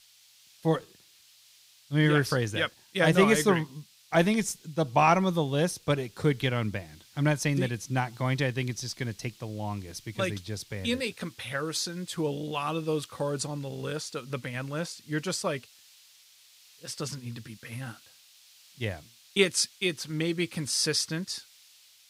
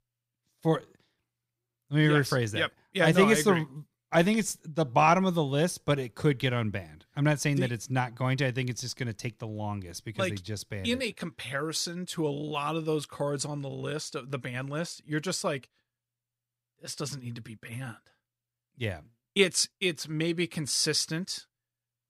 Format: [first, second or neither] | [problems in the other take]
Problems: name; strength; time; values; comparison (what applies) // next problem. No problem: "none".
second | hiss; faint; throughout; 25 dB below the speech